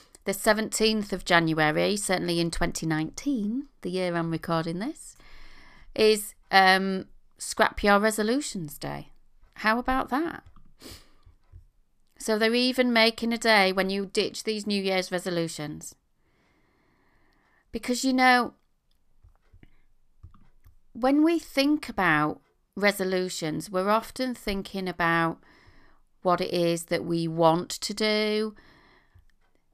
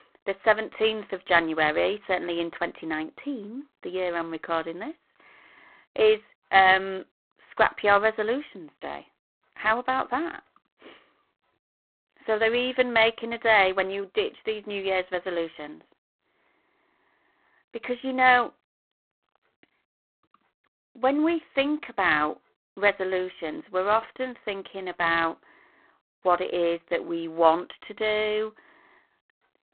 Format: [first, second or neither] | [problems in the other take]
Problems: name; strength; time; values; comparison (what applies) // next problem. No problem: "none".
first | phone-call audio; poor line